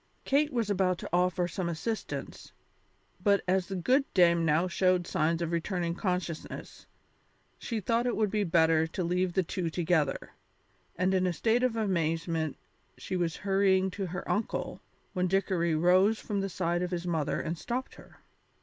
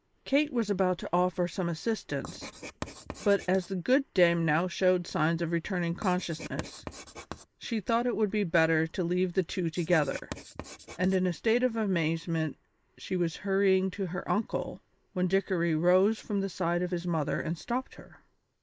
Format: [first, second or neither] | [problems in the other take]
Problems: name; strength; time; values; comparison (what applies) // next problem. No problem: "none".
first | noise reduction (neural mask model Resemble Enhance denoiser)